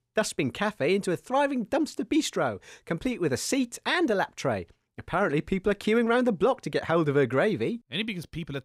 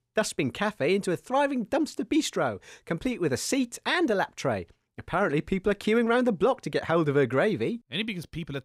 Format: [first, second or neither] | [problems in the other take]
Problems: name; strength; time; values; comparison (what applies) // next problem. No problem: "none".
neither | none